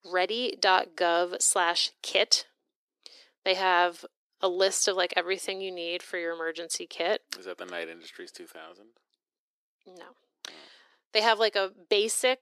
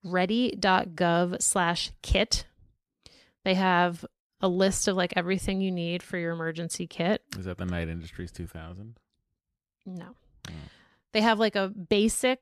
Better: second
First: thin; very; fading below 350 Hz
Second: none

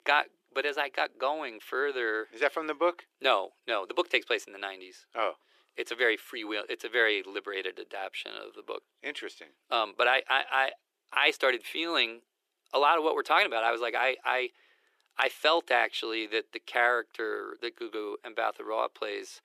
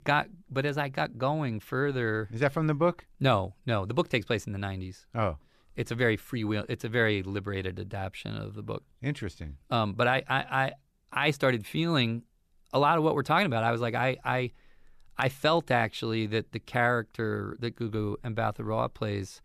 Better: second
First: thin; very; fading below 350 Hz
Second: none

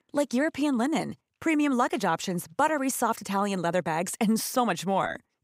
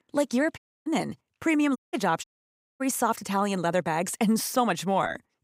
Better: first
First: none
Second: audio cutting out; at 0.5 s and at 2 s for 0.5 s

